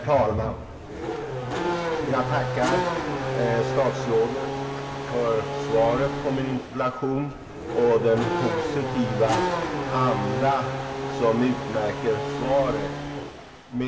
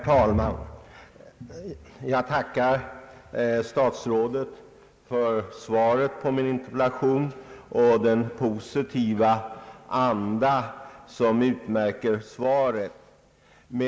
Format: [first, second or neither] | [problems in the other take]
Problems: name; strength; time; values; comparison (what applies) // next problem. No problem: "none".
second | background sound (Race car, auto racing / Accelerating, revving, vroom); 3 dB below the speech // room echo; dies away in 0.7 s